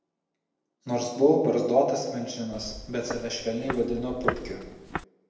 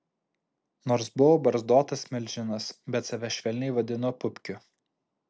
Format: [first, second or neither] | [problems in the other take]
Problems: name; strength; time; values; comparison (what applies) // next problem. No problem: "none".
second | background sound (Walk, footsteps); 8 dB below the speech // room echo; dies away in 1 s